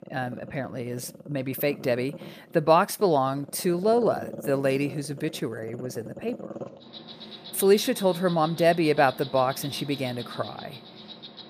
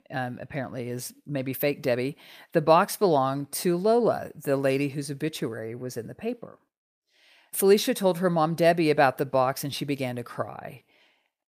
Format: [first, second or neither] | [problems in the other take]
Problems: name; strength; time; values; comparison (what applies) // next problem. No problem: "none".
second | animal sounds; noticeable; throughout; 15 dB below the speech